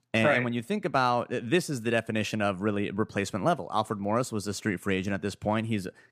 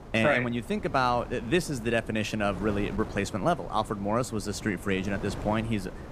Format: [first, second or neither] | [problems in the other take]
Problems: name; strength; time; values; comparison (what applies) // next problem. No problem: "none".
first | wind noise on the microphone; occasional gusts; 15 dB below the speech